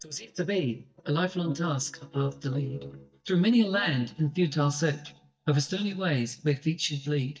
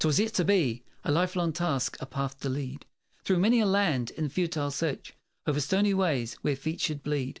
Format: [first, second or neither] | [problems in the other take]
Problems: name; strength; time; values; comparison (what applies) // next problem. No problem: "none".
second | noise reduction (neural mask model DeepFilterNet 3)